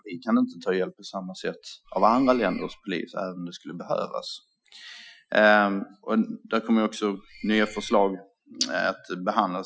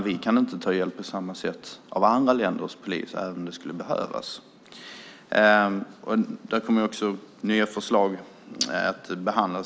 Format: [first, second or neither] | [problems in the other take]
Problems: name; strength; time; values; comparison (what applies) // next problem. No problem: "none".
second | noise reduction (classical method Wiener filter)